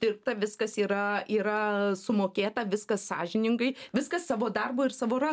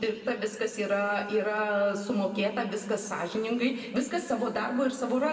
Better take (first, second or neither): first